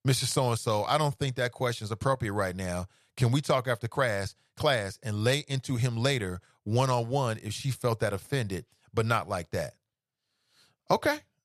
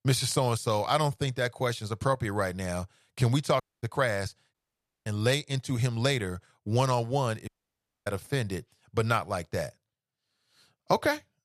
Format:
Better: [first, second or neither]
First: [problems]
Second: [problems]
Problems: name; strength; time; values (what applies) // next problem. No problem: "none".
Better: first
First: none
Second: audio cutting out; at 3.5 s, at 4.5 s for 0.5 s and at 7.5 s for 0.5 s